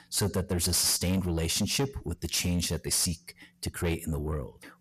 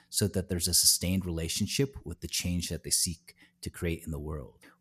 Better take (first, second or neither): second